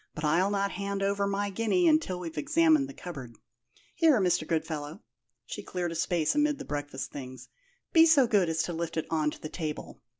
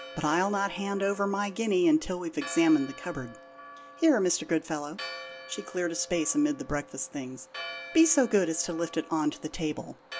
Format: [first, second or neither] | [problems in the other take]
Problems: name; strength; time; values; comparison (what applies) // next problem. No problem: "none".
first | background sound (Church bell); 16 dB below the speech